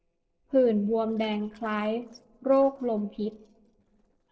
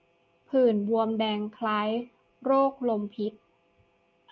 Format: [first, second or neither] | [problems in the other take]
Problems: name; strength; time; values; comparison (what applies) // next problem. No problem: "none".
second | noise reduction (neural separator model SepFormer DNS4)